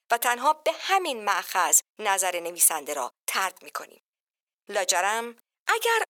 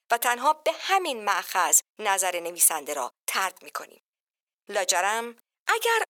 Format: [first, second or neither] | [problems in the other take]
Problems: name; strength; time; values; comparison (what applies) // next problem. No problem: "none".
neither | thin; very; fading below 450 Hz; the same in both